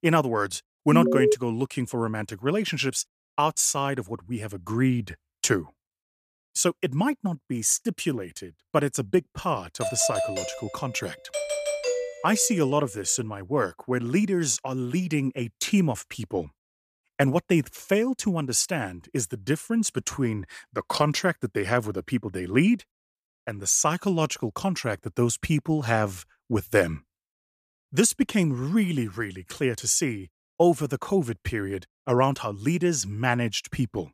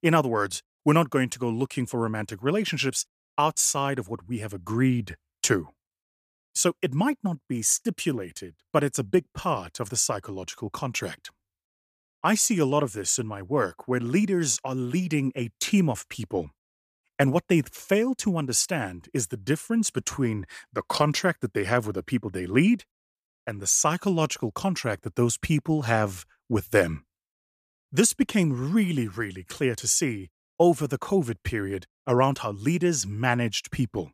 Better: second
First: alarm; loud; at 1 s; peak 5 dB above the speech // doorbell; noticeable; from 10 to 13 s; peak 1 dB below the speech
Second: none

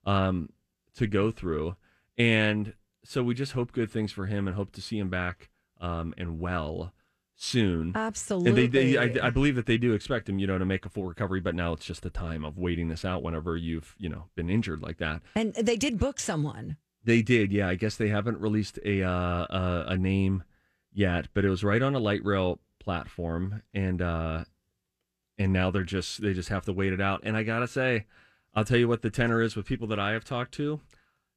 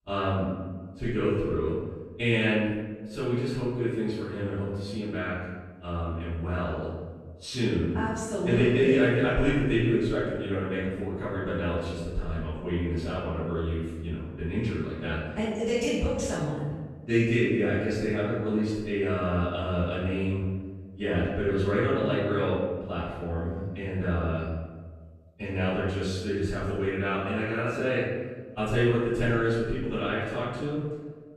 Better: first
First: none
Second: room echo; strong; dies away in 1.2 s // off-mic speech; far

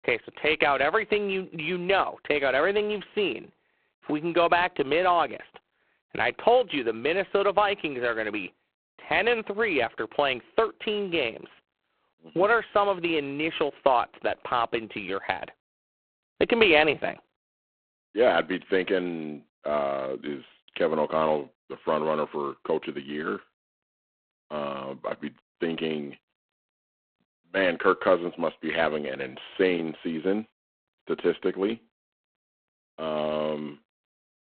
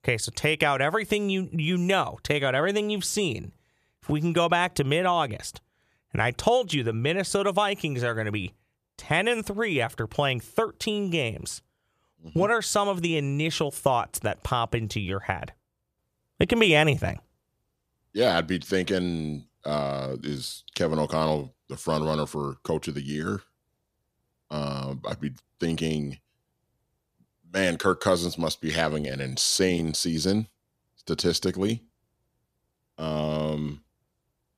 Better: second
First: phone-call audio; poor line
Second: none

